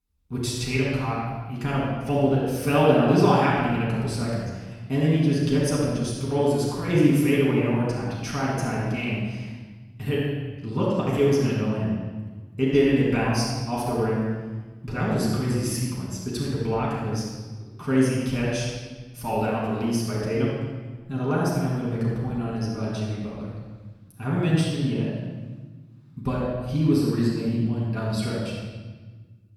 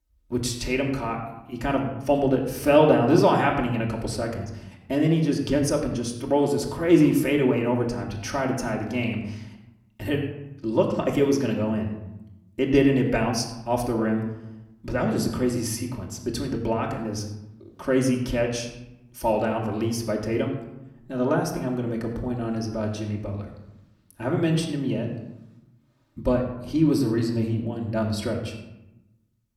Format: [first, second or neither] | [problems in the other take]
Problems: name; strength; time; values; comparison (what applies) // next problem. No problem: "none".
second | room echo; strong; dies away in 1.3 s; slight in the second // off-mic speech; far; somewhat distant in the second